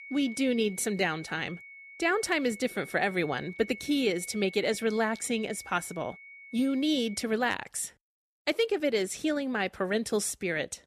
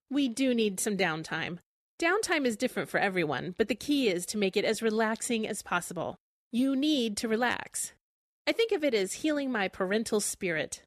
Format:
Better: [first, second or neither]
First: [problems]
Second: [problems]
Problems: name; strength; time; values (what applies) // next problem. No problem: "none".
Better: second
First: high-pitched whine; noticeable; until 7.5 s; 2 kHz, 15 dB below the speech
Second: none